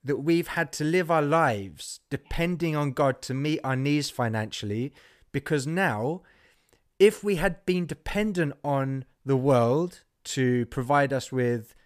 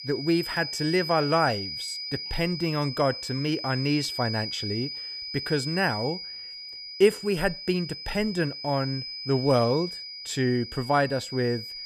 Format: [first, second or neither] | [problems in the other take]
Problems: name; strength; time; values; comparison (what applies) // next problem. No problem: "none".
first | high-pitched whine; loud; throughout; 5 kHz, 7 dB below the speech